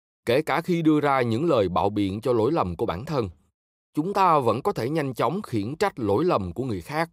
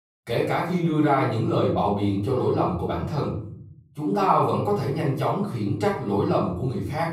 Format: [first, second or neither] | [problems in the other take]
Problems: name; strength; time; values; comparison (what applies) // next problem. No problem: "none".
first | room echo; noticeable; dies away in 0.7 s // off-mic speech; far